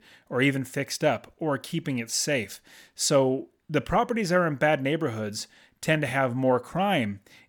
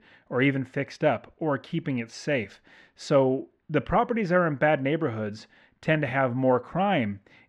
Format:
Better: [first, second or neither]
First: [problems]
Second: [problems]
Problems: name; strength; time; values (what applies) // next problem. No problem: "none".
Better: first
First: none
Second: muffled; slightly; fading above 2.5 kHz